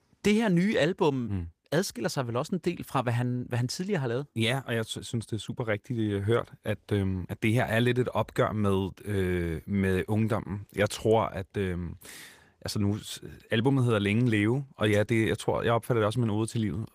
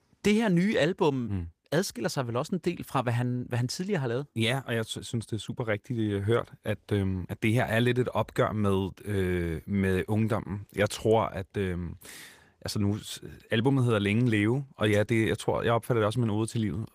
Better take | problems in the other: neither | garbled, watery; slightly; nothing above 15 kHz; the same in both

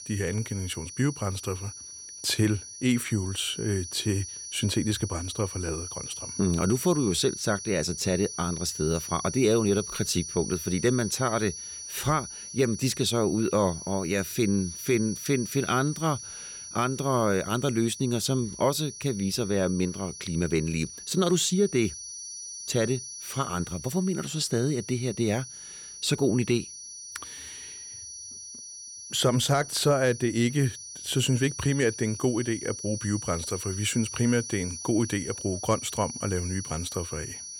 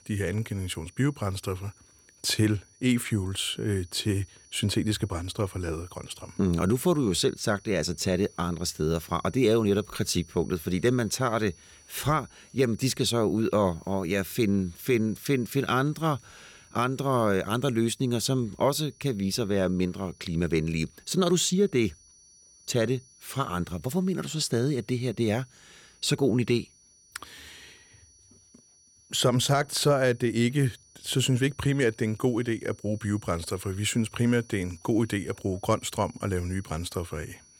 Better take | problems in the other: second | high-pitched whine; loud; throughout; 6 kHz, 10 dB below the speech; faint in the second

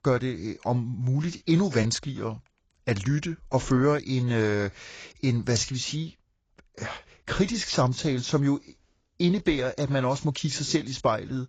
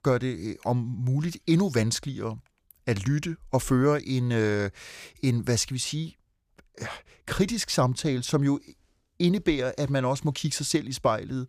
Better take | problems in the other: second | garbled, watery; badly; nothing above 7.5 kHz

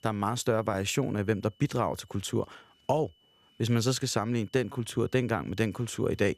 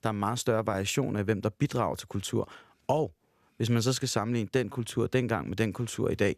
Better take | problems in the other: second | high-pitched whine; faint; throughout; 3 kHz, 35 dB below the speech

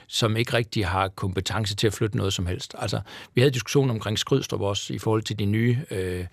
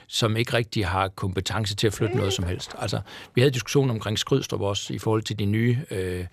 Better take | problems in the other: first | dog barking; noticeable; from 2 to 3 s; peak 6 dB below the speech

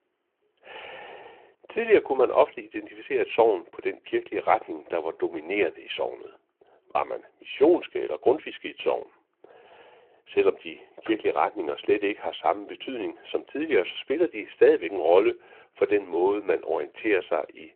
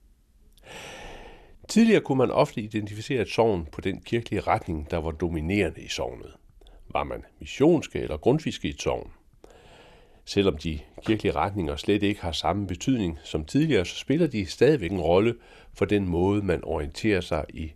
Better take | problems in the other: second | phone-call audio

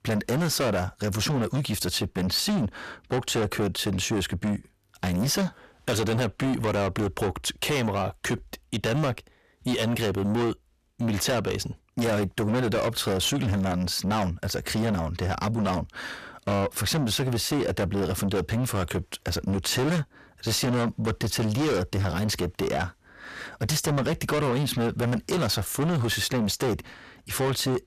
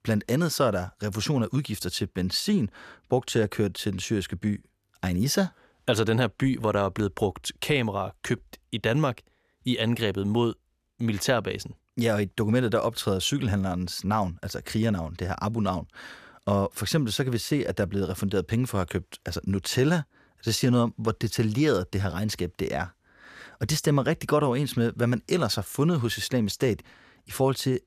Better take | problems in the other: second | distortion; heavy; 6 dB below the speech

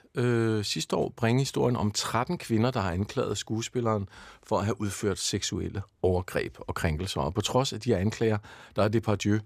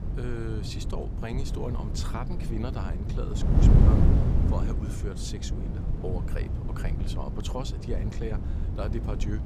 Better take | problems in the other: first | wind noise on the microphone; heavy; as loud as the speech

